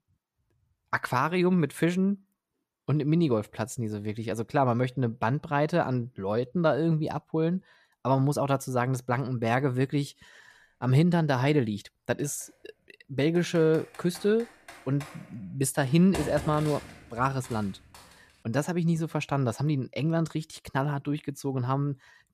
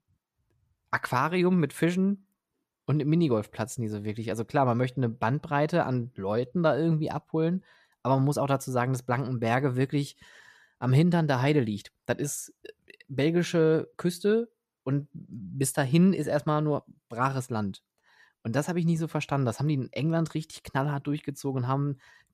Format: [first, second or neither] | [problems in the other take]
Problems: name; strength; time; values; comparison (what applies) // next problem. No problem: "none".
second | keyboard typing; noticeable; from 13 to 18 s; peak 8 dB below the speech